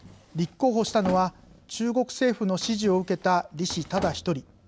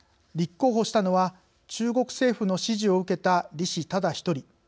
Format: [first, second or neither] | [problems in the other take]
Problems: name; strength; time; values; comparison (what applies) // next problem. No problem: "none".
second | background sound (Drawer open or close); 16 dB below the speech